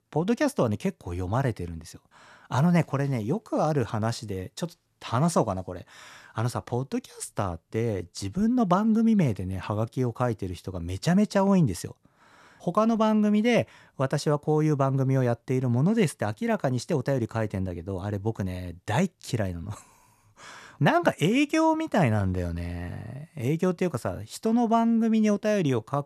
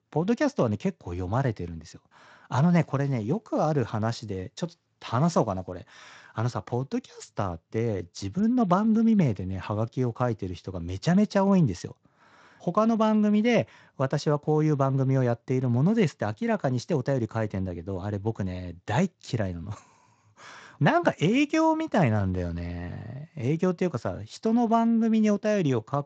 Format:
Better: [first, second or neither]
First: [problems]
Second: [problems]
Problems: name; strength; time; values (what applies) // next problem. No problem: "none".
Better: first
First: none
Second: garbled, watery; slightly; nothing above 7.5 kHz